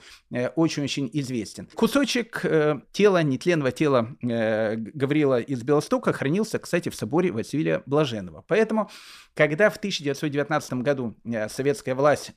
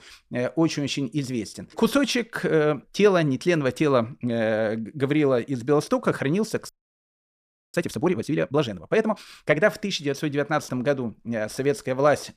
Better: first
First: none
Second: audio freezing; at 6.5 s for 1 s

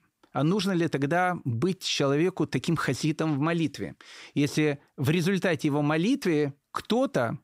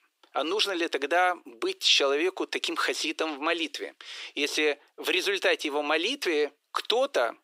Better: first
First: none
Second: thin; very; fading below 350 Hz

